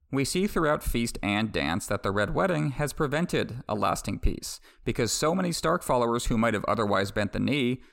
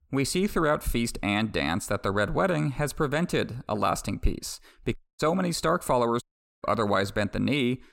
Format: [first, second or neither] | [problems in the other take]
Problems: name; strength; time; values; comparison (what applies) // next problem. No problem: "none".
first | audio cutting out; at 5 s and at 6 s